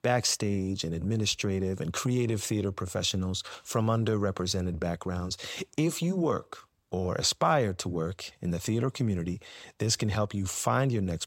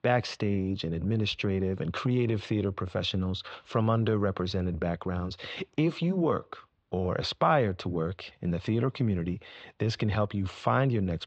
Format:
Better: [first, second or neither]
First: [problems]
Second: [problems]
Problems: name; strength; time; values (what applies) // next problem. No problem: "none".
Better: first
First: none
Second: muffled; slightly; fading above 3.5 kHz